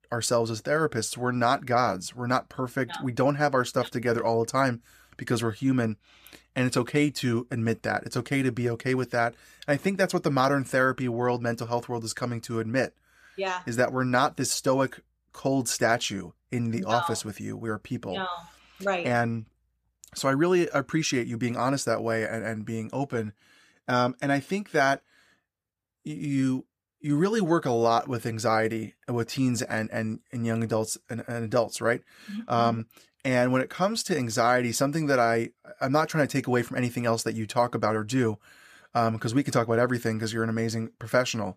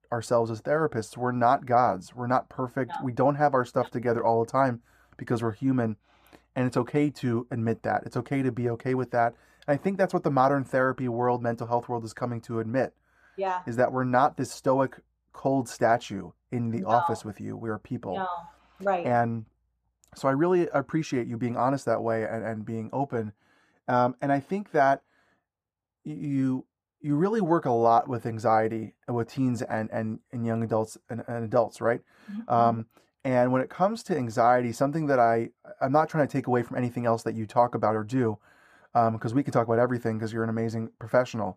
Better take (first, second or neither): first